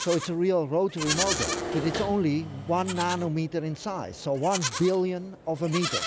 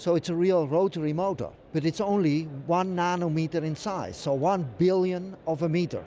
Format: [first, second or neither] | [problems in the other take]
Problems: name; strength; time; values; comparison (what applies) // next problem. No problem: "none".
second | background sound (Livestock, farm animals, working animals + Engine / Mechanisms); 7 dB below the speech